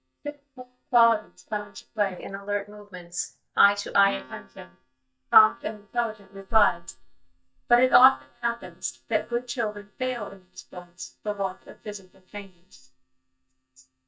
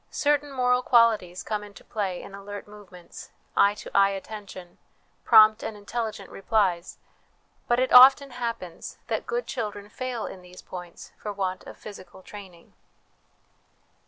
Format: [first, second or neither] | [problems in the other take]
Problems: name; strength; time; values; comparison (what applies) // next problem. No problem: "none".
second | noise reduction (neural mask model DeepFilterNet 3)